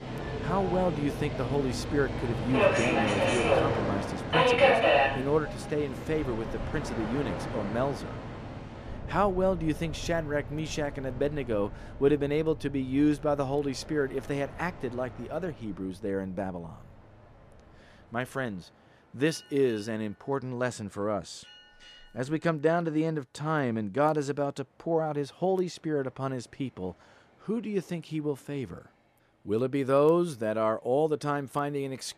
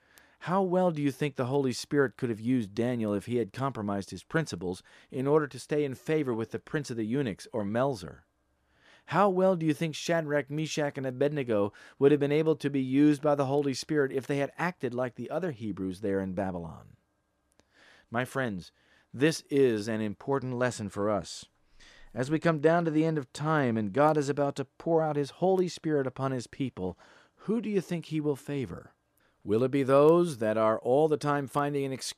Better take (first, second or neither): second